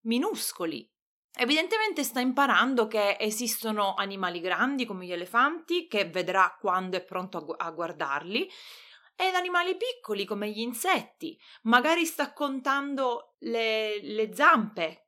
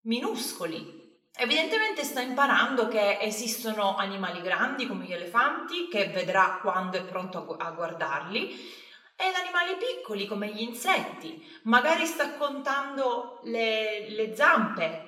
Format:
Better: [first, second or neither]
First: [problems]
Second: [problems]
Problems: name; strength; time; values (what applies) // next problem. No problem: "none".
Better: first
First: none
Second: room echo; slight; dies away in 0.7 s // off-mic speech; somewhat distant